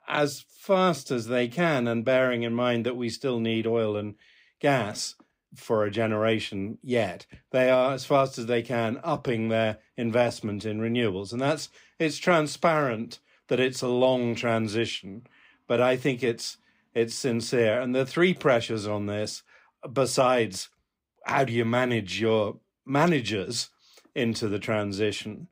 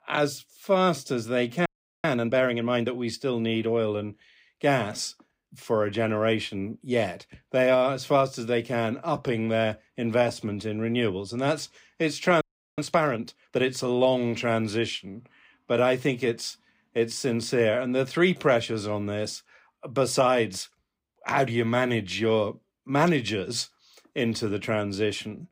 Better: first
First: none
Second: audio freezing; at 1.5 s and at 12 s

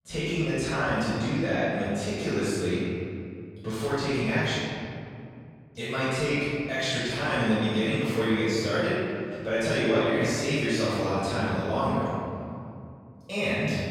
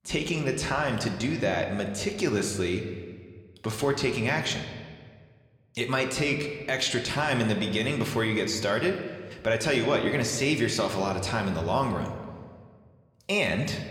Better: second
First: room echo; strong; dies away in 2.4 s // off-mic speech; far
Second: room echo; slight; dies away in 1.4 s

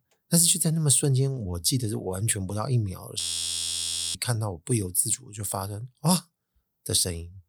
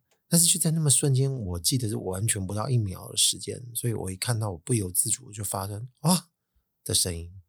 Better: second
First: audio freezing; at 3 s for 1 s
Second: none

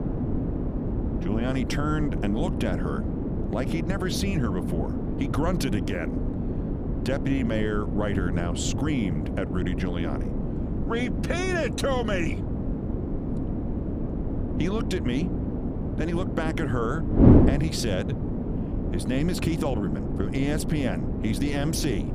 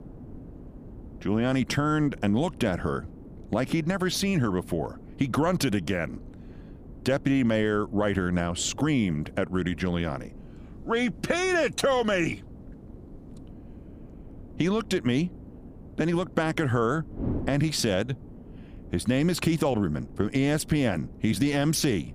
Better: second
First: wind noise on the microphone; heavy; 3 dB below the speech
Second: wind noise on the microphone; occasional gusts; 20 dB below the speech

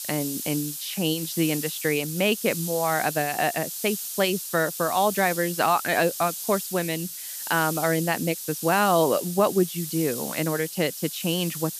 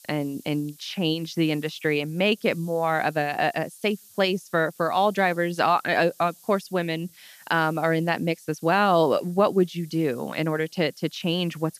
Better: second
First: hiss; loud; throughout; 6 dB below the speech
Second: hiss; faint; throughout; 25 dB below the speech

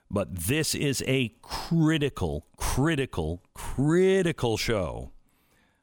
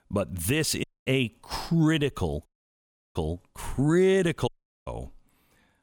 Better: first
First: none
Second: audio cutting out; at 1 s, at 2.5 s for 0.5 s and at 4.5 s

